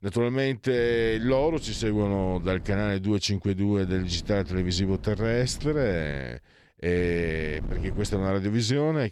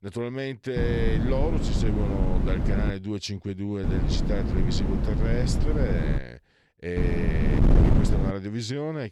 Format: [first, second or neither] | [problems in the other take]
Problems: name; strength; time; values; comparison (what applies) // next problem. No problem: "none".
first | wind noise on the microphone; heavy; from 1 to 3 s, from 4 to 6 s and from 7 to 8.5 s; 1 dB below the speech; occasional gusts in the first